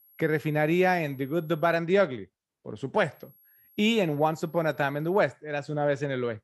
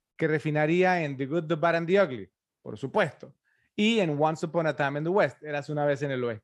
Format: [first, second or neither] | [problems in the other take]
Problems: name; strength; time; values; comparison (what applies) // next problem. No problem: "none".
second | high-pitched whine; faint; until 2 s and from 3 to 5 s; 11.5 kHz, 30 dB below the speech